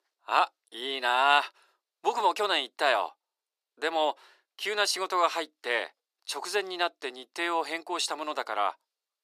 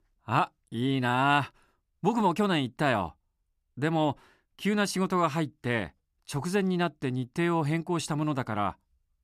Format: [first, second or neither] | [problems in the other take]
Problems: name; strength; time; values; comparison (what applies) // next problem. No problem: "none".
second | thin; very; fading below 400 Hz